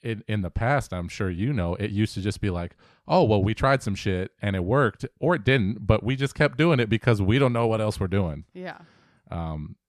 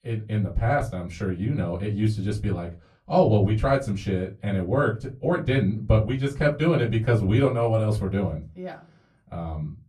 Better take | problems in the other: first | off-mic speech; far // room echo; very slight; dies away in 0.2 s

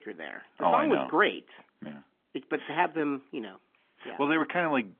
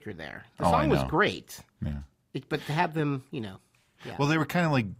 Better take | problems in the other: second | phone-call audio; nothing above 3.5 kHz

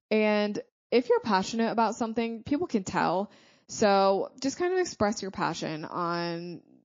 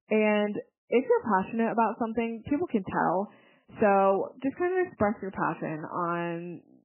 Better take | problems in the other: first | garbled, watery; badly; nothing above 2.5 kHz; slightly in the first

